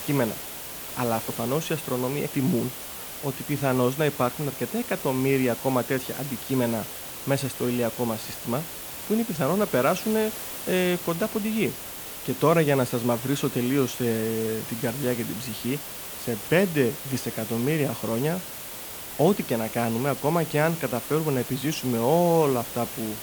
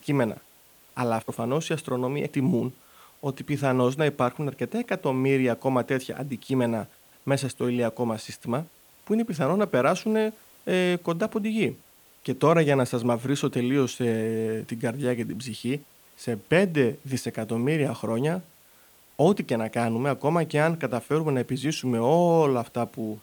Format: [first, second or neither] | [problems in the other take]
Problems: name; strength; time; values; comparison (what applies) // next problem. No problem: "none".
second | hiss; loud; throughout; 8 dB below the speech; faint in the second